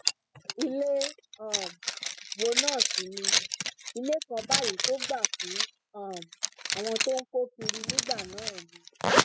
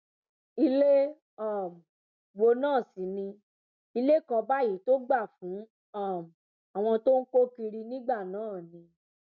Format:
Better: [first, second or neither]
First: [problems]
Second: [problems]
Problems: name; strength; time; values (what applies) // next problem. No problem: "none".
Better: second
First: noise reduction (classical method spectral subtraction)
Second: none